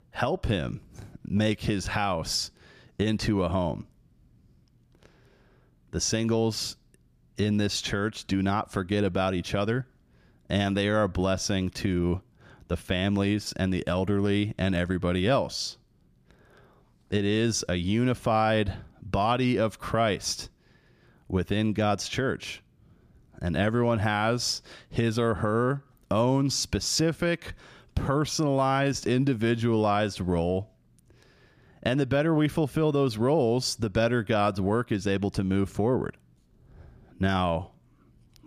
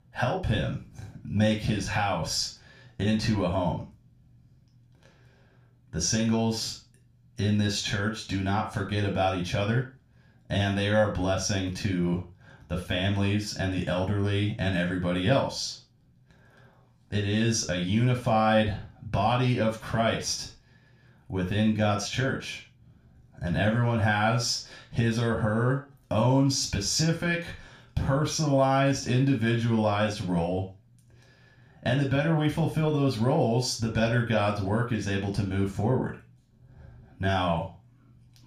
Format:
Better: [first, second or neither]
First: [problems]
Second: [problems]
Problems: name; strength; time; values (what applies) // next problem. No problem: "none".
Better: first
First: none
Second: room echo; slight; dies away in 0.3 s // off-mic speech; somewhat distant